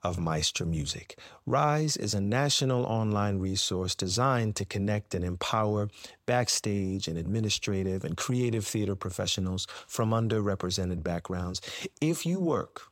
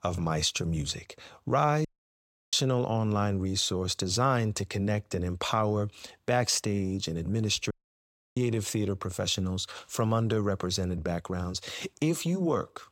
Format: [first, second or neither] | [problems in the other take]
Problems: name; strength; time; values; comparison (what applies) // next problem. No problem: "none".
first | audio cutting out; at 2 s for 0.5 s and at 7.5 s for 0.5 s